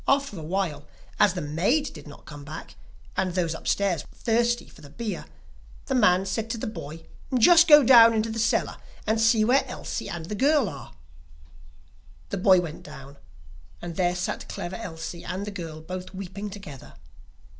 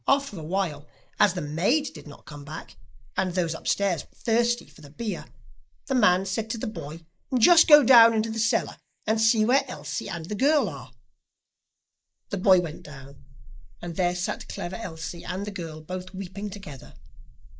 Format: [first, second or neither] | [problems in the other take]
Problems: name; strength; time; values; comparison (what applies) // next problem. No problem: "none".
first | noise reduction (neural mask model Resemble Enhance denoiser)